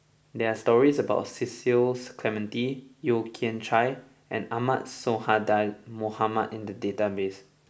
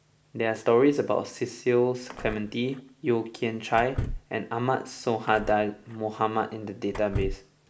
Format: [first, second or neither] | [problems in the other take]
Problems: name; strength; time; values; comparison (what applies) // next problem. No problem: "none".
first | background sound (Door / Car); 11 dB below the speech